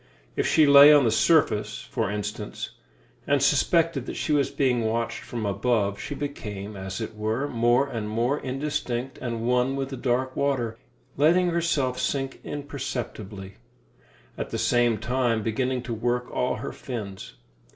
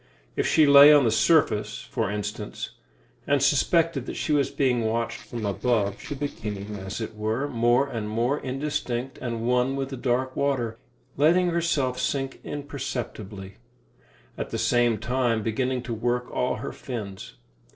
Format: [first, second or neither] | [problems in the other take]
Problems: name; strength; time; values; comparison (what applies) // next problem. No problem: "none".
first | noise reduction (neural separator model SepFormer DNS4)